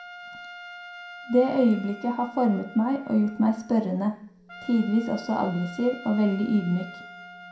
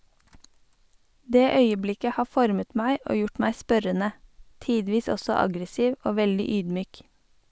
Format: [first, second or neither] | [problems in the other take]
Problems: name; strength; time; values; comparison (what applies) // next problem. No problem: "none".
second | background sound (Trumpet); 17 dB below the speech // room echo; dies away in 0.5 s